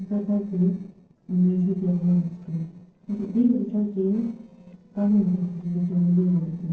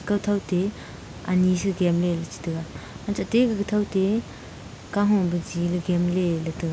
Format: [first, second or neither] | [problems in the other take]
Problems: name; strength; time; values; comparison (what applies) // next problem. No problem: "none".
second | noise reduction (neural separator model SepFormer DNS4)